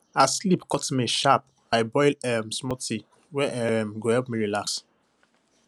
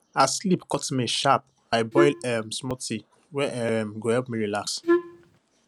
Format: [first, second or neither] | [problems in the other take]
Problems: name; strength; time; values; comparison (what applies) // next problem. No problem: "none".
first | background sound (Wind instrument, woodwind instrument); 1 dB above the speech